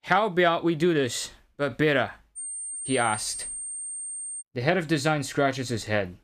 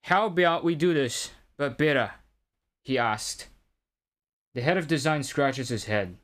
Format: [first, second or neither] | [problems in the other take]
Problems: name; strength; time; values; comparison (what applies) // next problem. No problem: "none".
second | high-pitched whine; loud; from 2.5 to 4.5 s; 8.5 kHz, 7 dB below the speech